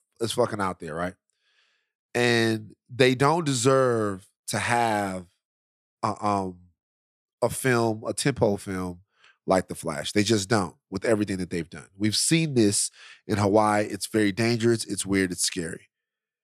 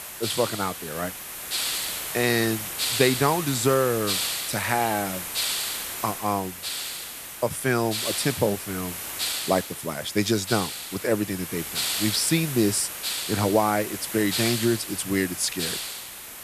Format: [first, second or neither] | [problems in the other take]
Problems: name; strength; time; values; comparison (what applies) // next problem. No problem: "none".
first | hiss; loud; throughout; 3 dB below the speech